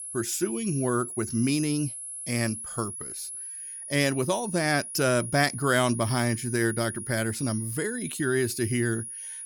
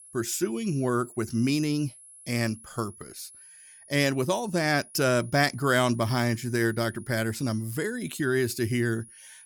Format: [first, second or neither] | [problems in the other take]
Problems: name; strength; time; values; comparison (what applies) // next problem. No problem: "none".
second | high-pitched whine; loud; throughout; 10.5 kHz, 8 dB below the speech; faint in the second